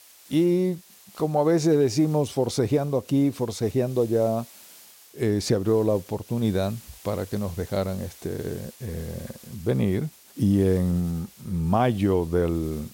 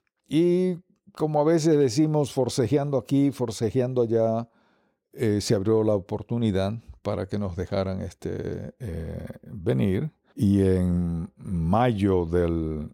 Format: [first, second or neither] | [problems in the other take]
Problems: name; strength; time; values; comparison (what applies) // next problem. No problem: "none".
second | hiss; faint; throughout; 20 dB below the speech